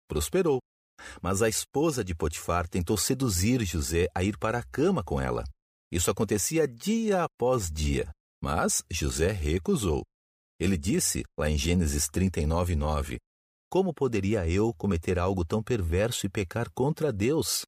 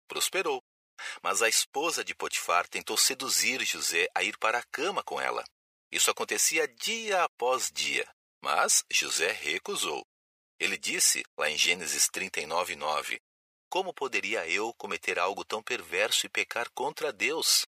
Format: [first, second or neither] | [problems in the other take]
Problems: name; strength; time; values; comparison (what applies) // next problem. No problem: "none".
first | thin; very; fading below 750 Hz